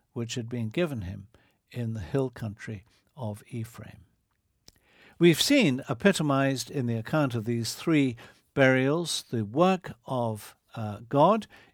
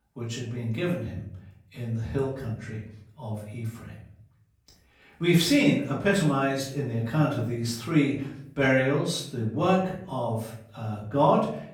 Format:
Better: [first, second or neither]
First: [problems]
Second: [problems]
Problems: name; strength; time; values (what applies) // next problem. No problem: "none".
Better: first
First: none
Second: off-mic speech; far // room echo; noticeable; dies away in 0.6 s